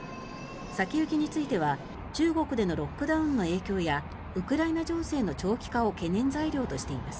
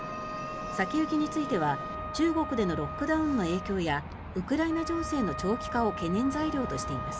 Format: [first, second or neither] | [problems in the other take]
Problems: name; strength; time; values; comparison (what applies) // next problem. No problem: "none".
first | background sound (Wind instrument, woodwind instrument); 9 dB below the speech